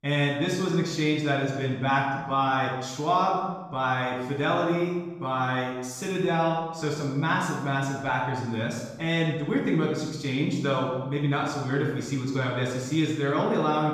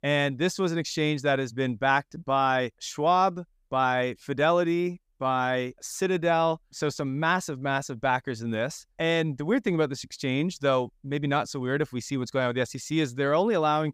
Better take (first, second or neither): second